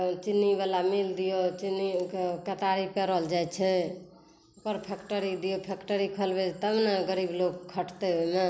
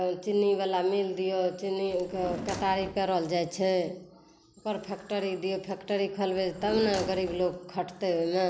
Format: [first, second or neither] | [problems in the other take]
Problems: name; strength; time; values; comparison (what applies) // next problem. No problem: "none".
first | background sound (Drawer open or close); 10 dB below the speech